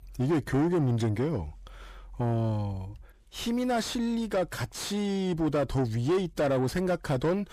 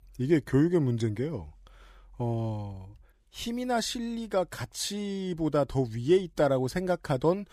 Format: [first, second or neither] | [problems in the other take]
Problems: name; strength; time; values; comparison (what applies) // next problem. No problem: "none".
second | distortion; heavy; 7 dB below the speech